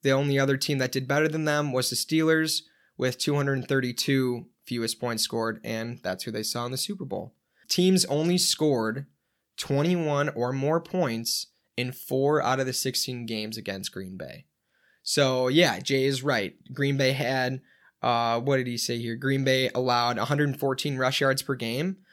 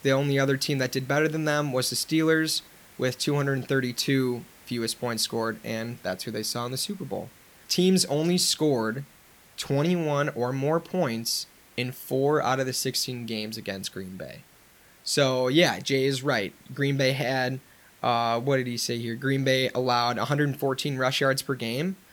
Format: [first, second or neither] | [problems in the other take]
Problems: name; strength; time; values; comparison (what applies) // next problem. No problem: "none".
first | hiss; faint; throughout; 25 dB below the speech